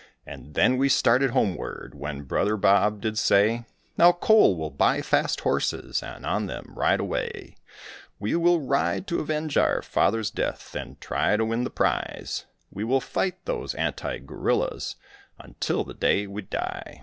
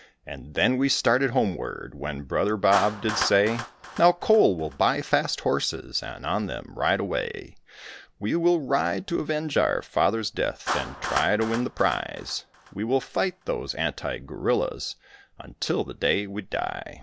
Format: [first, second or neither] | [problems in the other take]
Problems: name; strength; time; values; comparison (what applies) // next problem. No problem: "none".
first | background sound (Clapping); 14 dB below the speech